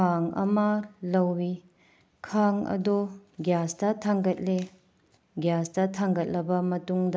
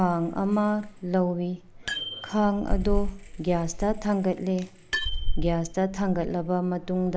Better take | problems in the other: first | background sound (Bicycle bell); 4 dB below the speech

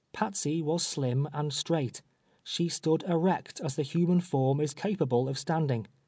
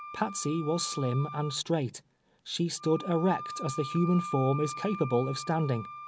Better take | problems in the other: first | background sound (Wind instrument, woodwind instrument); 11 dB below the speech

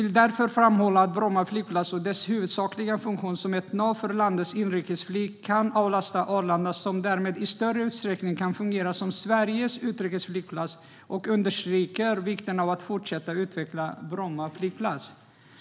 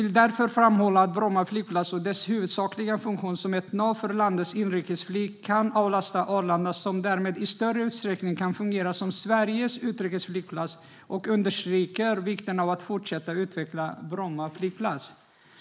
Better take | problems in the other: first | noise reduction (neural mask model Resemble Enhance denoiser)

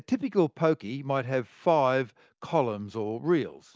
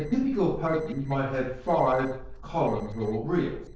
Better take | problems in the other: first | noise reduction (neural separator model SepFormer DNS4)

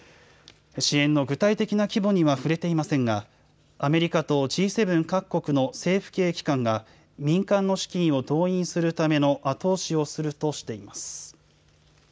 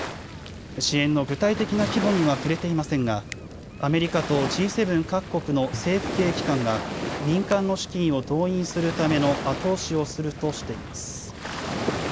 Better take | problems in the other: first | background sound (Waves, surf); 7 dB below the speech

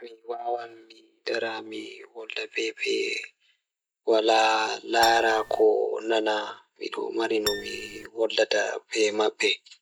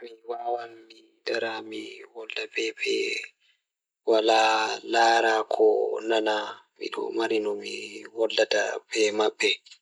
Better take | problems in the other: second | background sound (Acoustic guitar); 8 dB below the speech

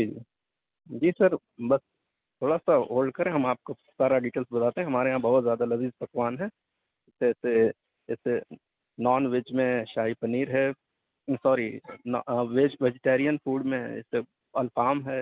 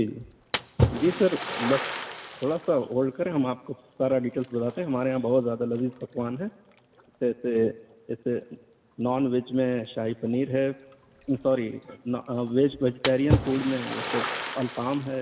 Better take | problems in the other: first | background sound (Splash, splatter); 7 dB below the speech // room echo; dies away in 1.1 s

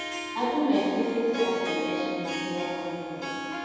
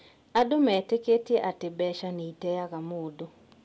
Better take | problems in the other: second | background sound (Harp); 5 dB below the speech // room echo; dies away in 2 s

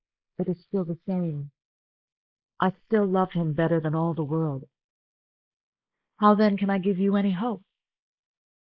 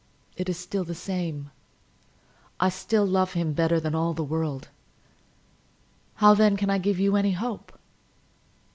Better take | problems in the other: second | noise reduction (neural mask model Resemble Enhance denoiser)

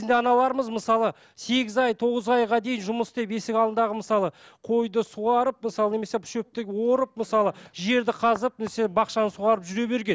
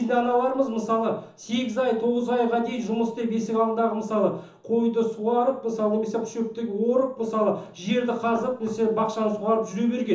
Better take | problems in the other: first | room echo; dies away in 0.7 s

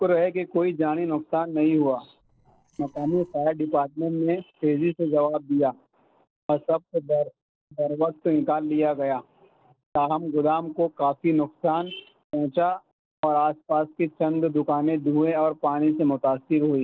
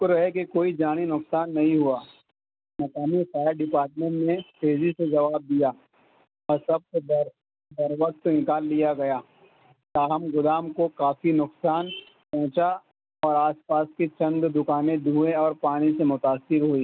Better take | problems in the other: second | noise reduction (neural separator model SepFormer DNS4)

